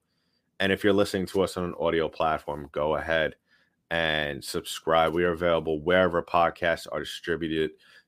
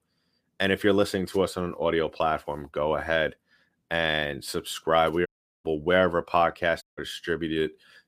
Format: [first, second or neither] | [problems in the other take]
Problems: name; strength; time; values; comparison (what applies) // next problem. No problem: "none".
first | audio cutting out; at 5.5 s and at 7 s